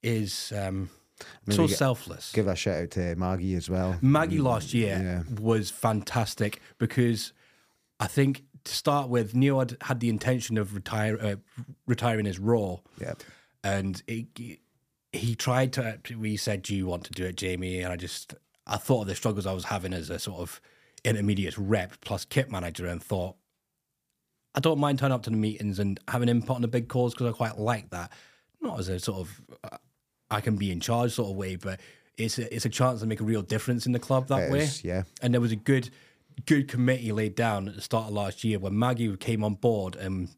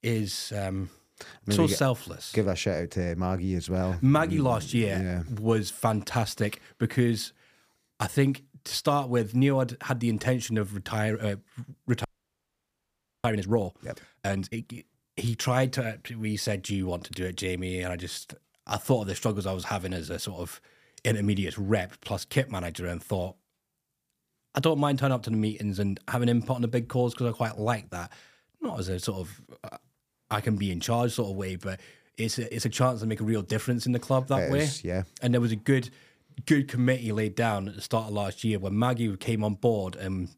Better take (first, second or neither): first